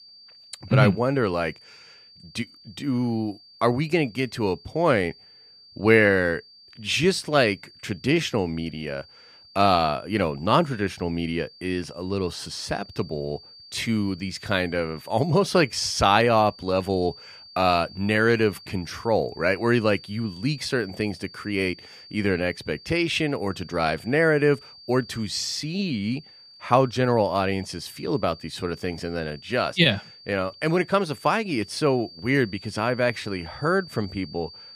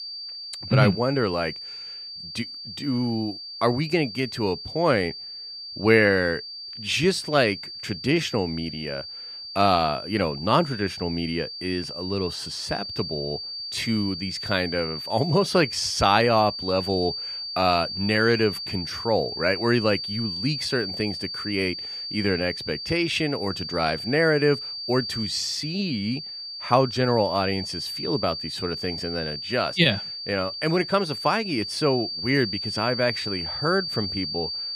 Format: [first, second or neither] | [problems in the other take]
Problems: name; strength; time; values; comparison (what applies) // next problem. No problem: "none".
first | high-pitched whine; loud; throughout; 4.5 kHz, 7 dB below the speech; faint in the first